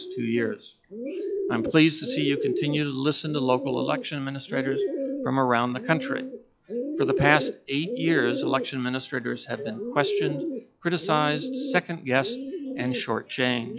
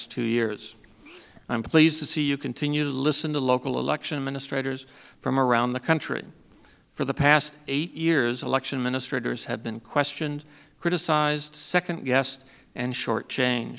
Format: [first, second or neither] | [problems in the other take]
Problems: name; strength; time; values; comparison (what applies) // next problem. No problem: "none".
second | noise reduction (classical method log-MMSE)